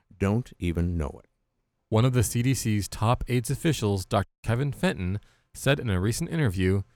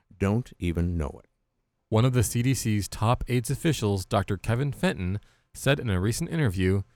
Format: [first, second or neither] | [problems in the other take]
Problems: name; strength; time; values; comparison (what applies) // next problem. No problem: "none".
second | audio cutting out; at 4.5 s